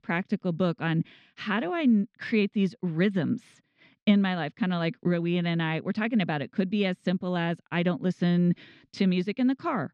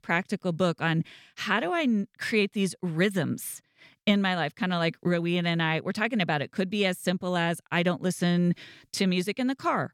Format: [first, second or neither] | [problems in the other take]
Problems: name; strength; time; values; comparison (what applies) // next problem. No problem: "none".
second | muffled; very slightly; fading above 4.5 kHz